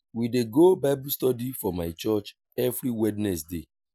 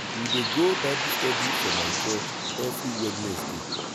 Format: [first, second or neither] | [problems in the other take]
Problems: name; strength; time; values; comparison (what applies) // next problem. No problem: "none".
first | background sound (Bird); 2 dB above the speech